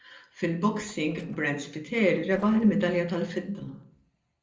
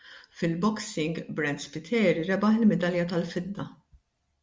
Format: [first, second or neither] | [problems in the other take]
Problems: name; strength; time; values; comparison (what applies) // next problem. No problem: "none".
second | noise reduction (neural separator model SepFormer DNS4)